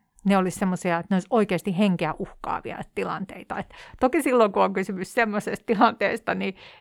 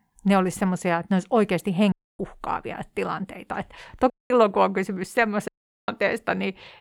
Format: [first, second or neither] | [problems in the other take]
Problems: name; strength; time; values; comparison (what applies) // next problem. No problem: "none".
first | audio cutting out; at 2 s, at 4 s and at 5.5 s